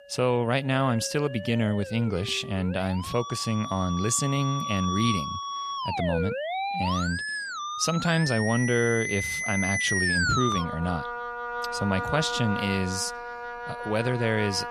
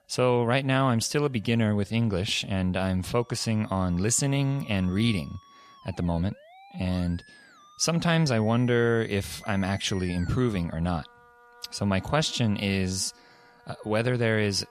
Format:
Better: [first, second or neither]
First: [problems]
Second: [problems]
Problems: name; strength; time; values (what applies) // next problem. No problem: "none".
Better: second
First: background music; loud; throughout; 4 dB below the speech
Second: background music; faint; throughout; 25 dB below the speech